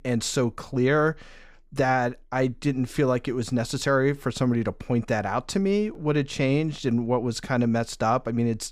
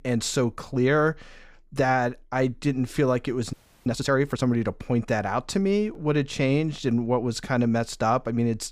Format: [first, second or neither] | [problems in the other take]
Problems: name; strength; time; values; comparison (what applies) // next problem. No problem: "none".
first | audio freezing; at 3.5 s